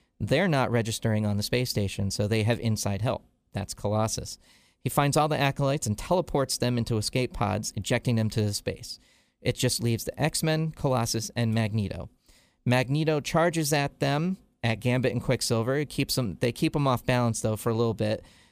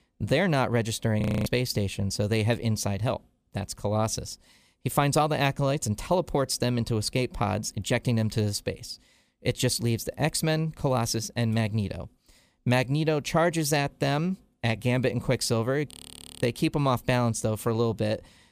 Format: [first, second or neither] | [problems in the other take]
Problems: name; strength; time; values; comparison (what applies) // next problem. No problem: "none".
first | audio freezing; at 1 s and at 16 s for 0.5 s